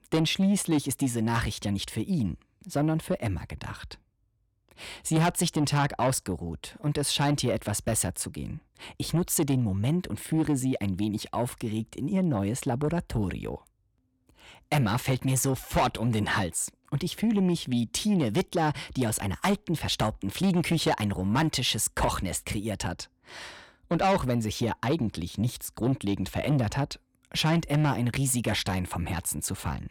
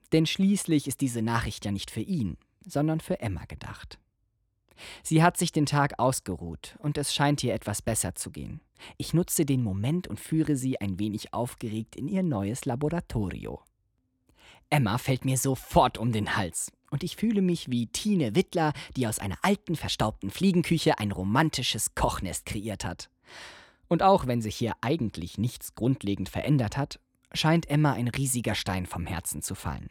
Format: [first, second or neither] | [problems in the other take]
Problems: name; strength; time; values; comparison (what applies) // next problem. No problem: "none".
second | distortion; slight; 10 dB below the speech